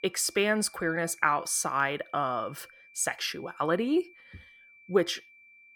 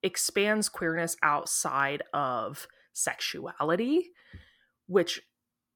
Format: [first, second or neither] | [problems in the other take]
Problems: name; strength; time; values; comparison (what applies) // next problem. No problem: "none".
second | high-pitched whine; faint; throughout; 2.5 kHz, 25 dB below the speech